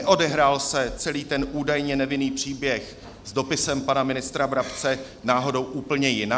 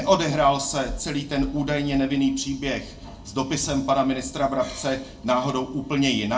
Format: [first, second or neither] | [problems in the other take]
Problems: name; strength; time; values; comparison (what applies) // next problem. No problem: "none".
first | room echo; dies away in 0.2 s